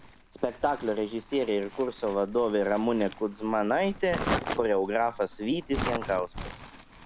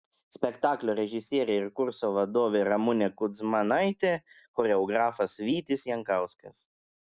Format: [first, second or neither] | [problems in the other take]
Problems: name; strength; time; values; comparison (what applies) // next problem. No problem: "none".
second | background sound (Crumpling, crinkling); 9 dB below the speech